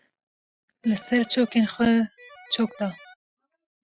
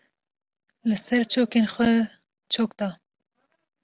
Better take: second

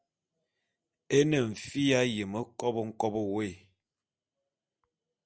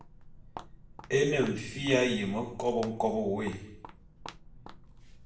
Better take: first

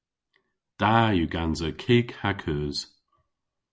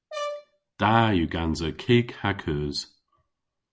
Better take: first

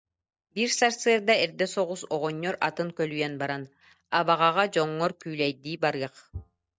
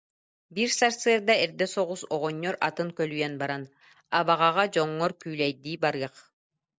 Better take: second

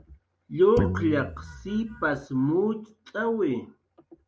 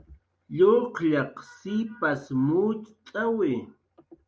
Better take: second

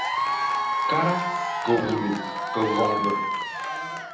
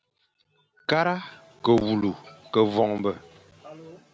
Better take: second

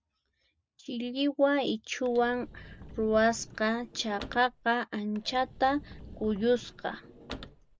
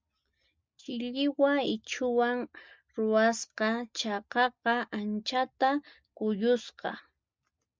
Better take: second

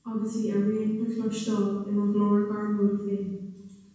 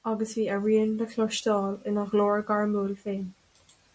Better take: second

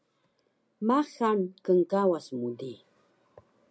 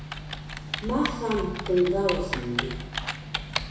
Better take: first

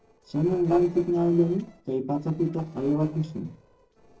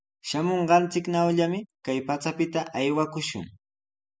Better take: second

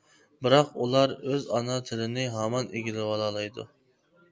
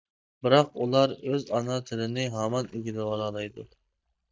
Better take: first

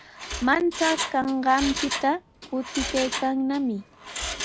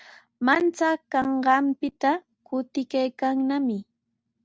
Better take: second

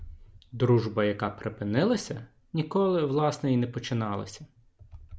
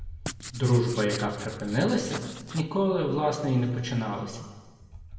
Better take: first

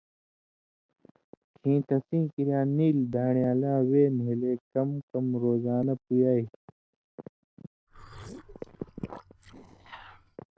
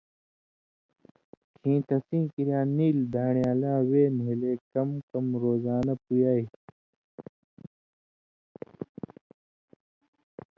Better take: second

